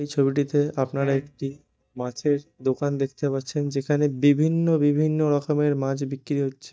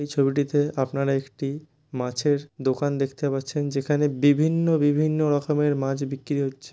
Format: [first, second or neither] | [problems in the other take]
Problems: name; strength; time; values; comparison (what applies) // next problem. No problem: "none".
second | noise reduction (neural mask model DeepFilterNet 3)